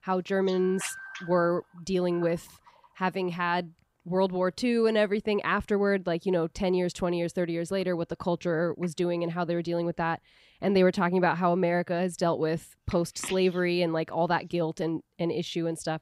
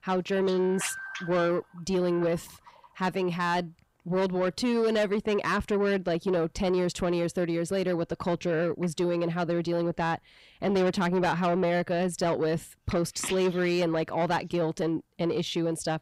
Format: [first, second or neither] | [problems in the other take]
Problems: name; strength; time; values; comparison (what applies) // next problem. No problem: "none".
first | distortion; slight; 10 dB below the speech